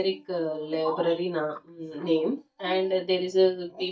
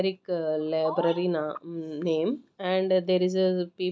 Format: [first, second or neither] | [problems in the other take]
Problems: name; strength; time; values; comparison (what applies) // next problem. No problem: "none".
second | noise reduction (neural mask model DeepFilterNet 3)